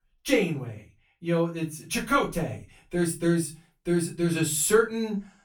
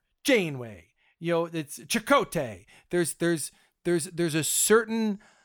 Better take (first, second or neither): second